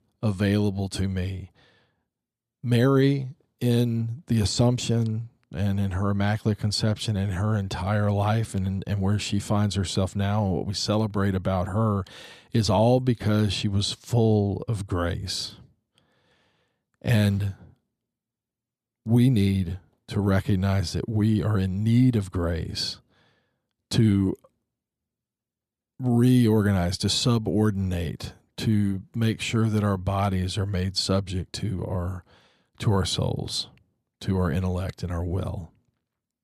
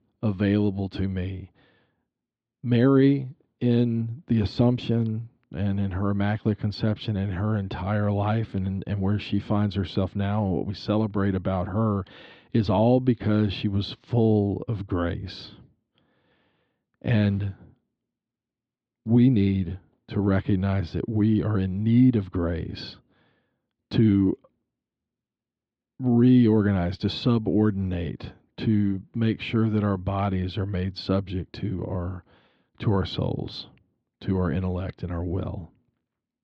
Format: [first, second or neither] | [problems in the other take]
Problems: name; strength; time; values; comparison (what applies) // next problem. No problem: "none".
first | muffled; slightly; fading above 3.5 kHz